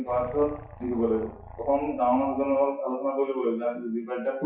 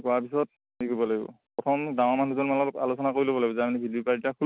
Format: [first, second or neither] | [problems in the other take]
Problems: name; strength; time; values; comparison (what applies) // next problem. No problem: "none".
second | noise reduction (classical method WPE with log-MMSE)